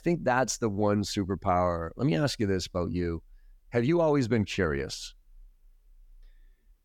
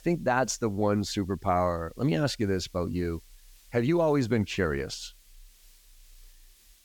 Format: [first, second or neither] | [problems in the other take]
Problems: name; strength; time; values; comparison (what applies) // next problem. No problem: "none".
first | hiss; faint; throughout; 30 dB below the speech